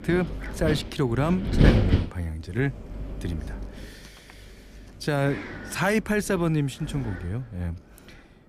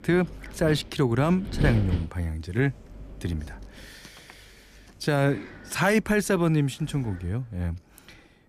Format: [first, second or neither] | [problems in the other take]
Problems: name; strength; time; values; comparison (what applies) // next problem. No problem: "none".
second | wind noise on the microphone; heavy; 6 dB below the speech; occasional gusts in the second